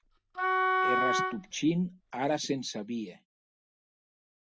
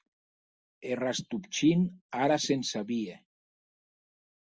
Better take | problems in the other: second | background sound (Wind instrument, woodwind instrument); 5 dB above the speech

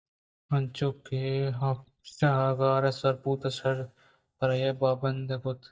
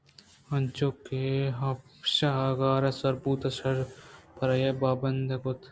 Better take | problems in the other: second | noise reduction (neural mask model DeepFilterNet 3)

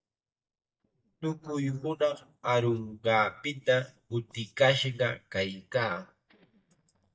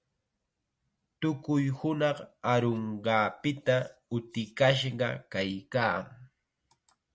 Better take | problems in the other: second | noise reduction (neural mask model DeepFilterNet 3)

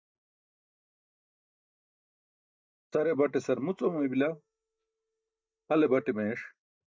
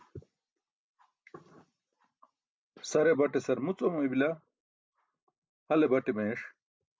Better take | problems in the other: second | noise reduction (neural mask model DeepFilterNet 3)

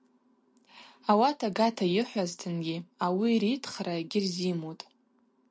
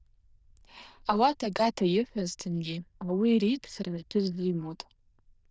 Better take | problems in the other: first | noise reduction (neural diffusion model UNIVERSE++)

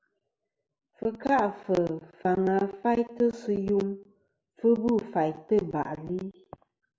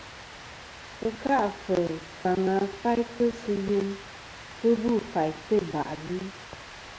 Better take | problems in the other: first | background sound (Rain); 15 dB below the speech

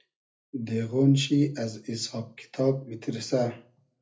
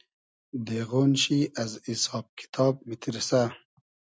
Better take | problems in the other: second | room echo; dies away in 0.3 s

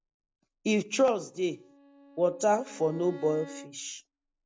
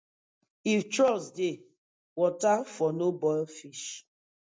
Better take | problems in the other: second | background sound (Bowed string instrument); 20 dB below the speech

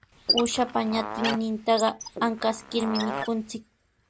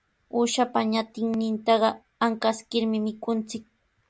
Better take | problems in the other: second | background sound (Fart + Squeak); 6 dB below the speech

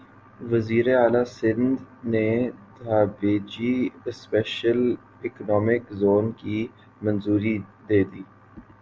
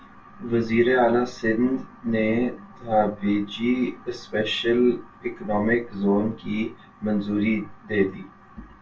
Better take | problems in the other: first | room echo; dies away in 0.2 s

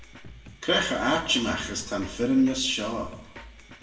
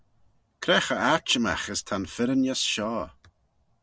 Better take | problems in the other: second | background sound (Drum kit); 18 dB below the speech // room echo; dies away in 0.8 s

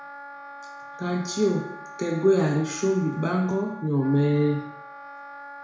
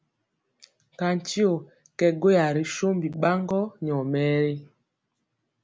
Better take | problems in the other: second | background sound (Wind instrument, woodwind instrument); 15 dB below the speech // room echo; dies away in 0.6 s

